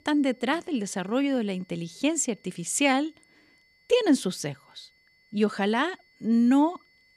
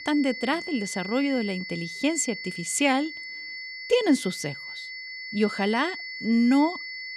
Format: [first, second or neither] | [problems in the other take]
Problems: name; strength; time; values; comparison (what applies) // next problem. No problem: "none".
first | high-pitched whine; loud; throughout; 2 kHz, 9 dB below the speech; faint in the first